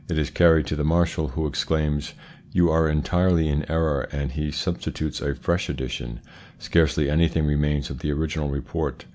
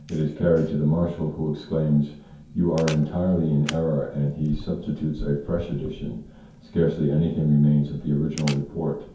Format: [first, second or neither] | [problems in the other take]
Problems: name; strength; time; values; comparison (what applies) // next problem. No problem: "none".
first | background sound (Camera); 17 dB below the speech // room echo; dies away in 0.6 s